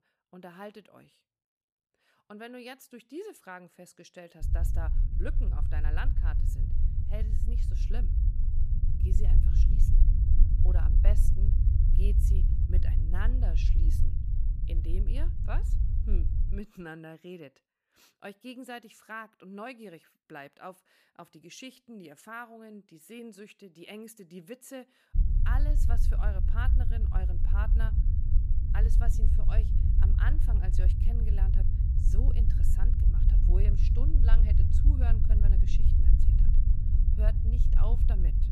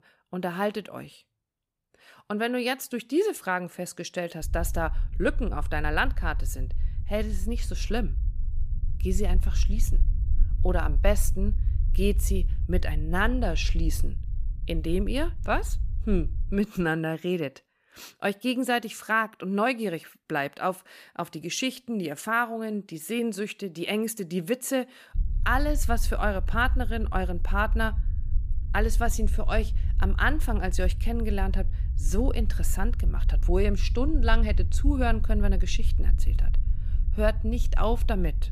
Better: second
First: low rumble; loud; from 4.5 to 17 s and from 25 s on; 3 dB below the speech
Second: low rumble; faint; from 4.5 to 17 s and from 25 s on; 20 dB below the speech

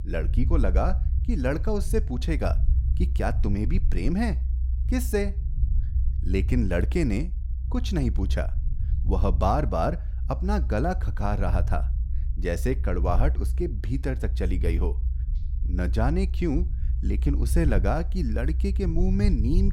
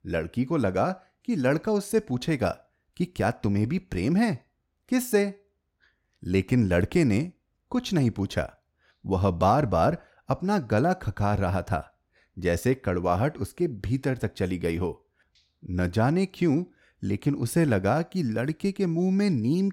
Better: second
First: low rumble; noticeable; throughout; 15 dB below the speech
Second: none

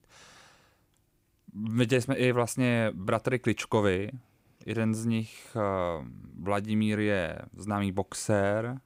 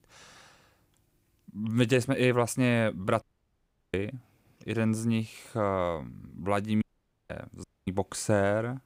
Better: first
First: none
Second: audio cutting out; at 3 s for 0.5 s, at 7 s and at 7.5 s

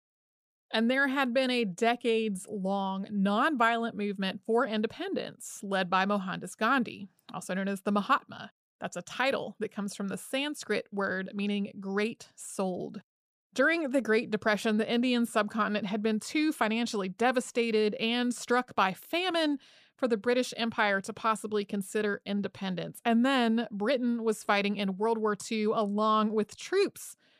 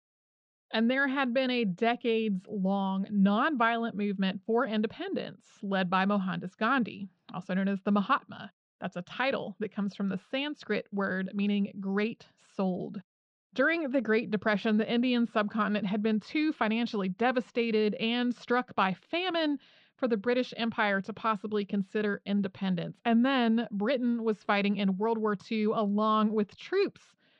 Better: first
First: none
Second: muffled; very slightly; fading above 4 kHz

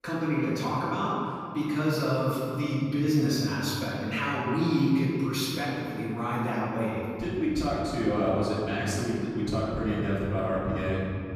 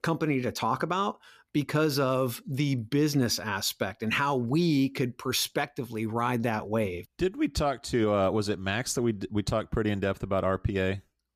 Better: second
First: room echo; strong; dies away in 2.5 s // off-mic speech; far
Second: none

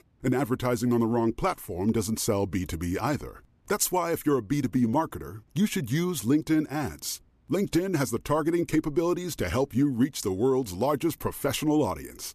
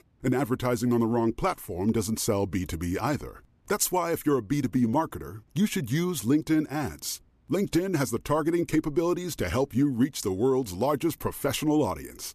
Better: neither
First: none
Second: none

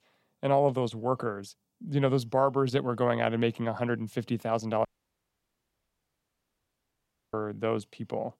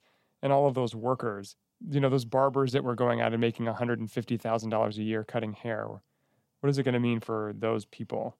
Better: second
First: audio cutting out; at 5 s for 2.5 s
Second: none

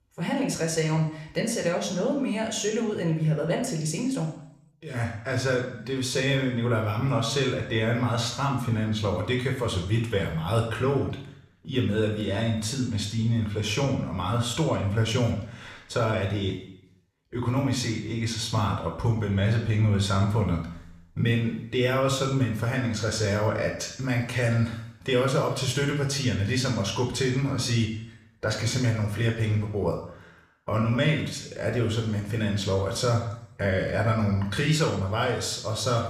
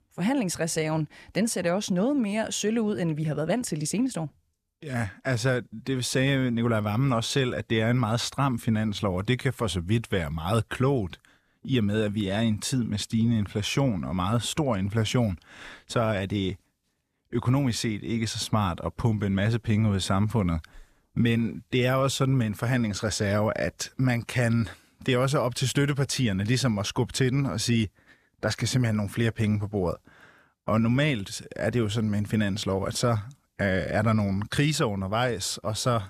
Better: second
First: room echo; noticeable; dies away in 0.7 s // off-mic speech; somewhat distant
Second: none

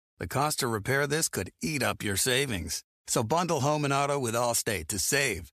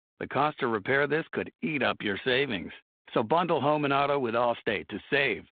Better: first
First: none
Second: phone-call audio; nothing above 3.5 kHz

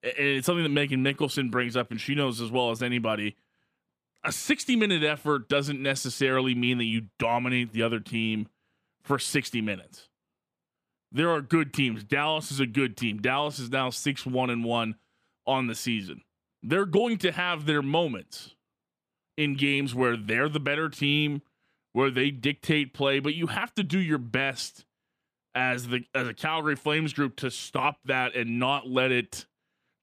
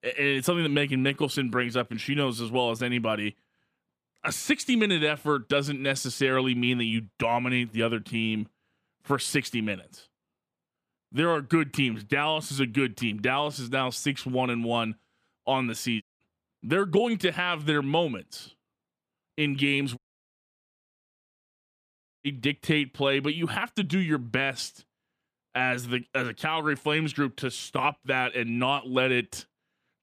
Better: first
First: none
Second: audio cutting out; at 16 s and at 20 s for 2.5 s

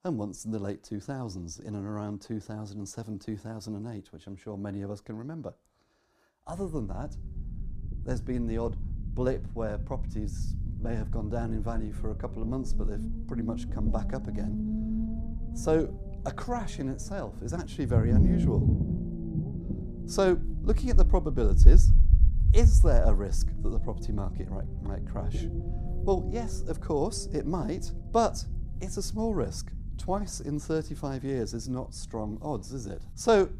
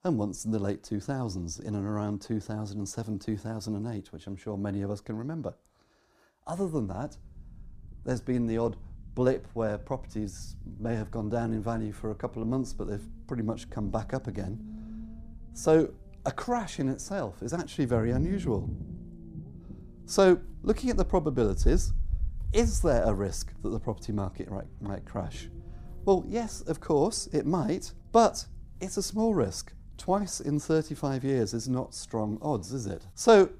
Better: second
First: low rumble; loud; from 6.5 s on; 9 dB below the speech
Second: low rumble; faint; from 6.5 s on; 25 dB below the speech

